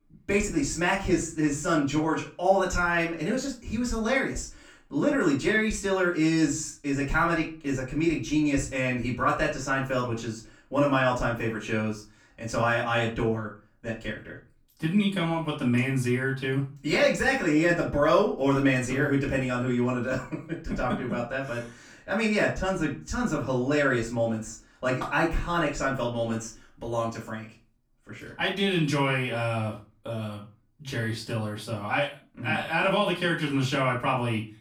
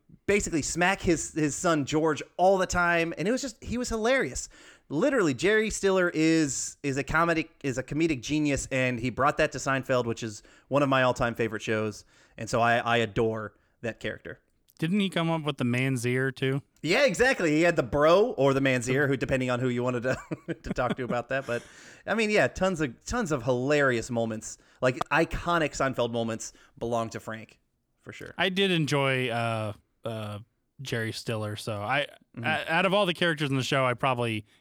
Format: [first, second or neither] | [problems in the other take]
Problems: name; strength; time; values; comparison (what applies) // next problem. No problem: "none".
second | off-mic speech; far // room echo; slight; dies away in 0.3 s